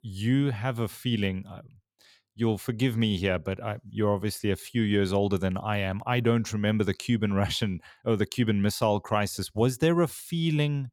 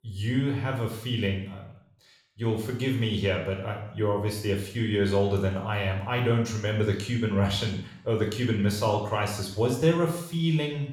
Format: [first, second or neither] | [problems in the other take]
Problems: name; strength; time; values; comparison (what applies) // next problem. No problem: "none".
first | room echo; noticeable; dies away in 0.6 s // off-mic speech; somewhat distant